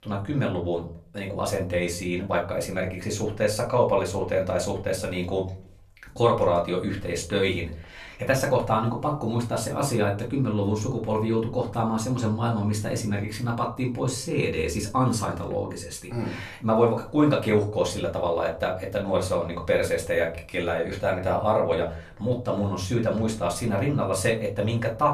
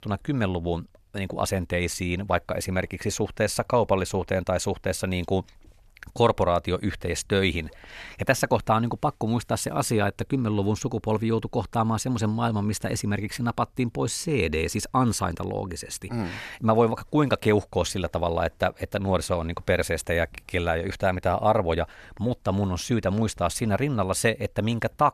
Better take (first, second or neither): second